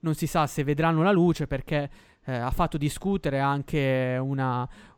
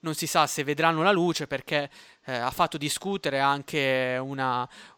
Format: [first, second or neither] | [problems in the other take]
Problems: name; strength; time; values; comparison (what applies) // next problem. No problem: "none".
first | thin; somewhat; fading below 600 Hz